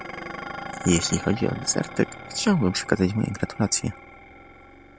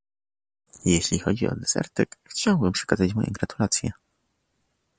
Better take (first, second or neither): second